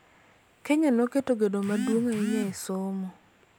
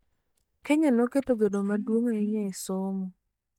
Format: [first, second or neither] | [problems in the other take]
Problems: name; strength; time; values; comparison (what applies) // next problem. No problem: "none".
first | noise reduction (neural mask model DeepFilterNet 3)